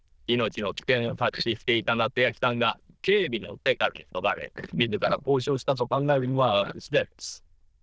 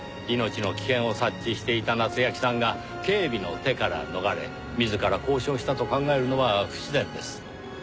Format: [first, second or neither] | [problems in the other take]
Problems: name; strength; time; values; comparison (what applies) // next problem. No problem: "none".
second | noise reduction (neural diffusion model UNIVERSE++)